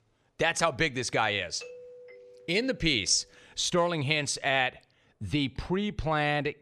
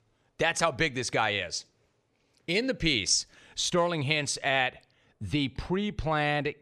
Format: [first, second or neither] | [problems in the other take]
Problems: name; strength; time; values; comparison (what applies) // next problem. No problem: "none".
second | doorbell; faint; from 1.5 to 3 s; peak 20 dB below the speech